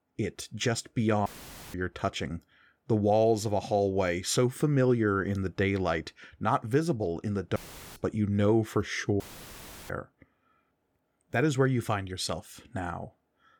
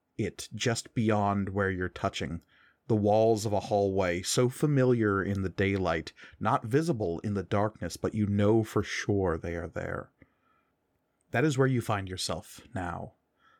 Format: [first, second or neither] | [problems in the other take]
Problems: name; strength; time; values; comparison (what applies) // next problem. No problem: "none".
second | audio cutting out; filled with static; at 1.5 s, at 7.5 s and at 9 s for 0.5 s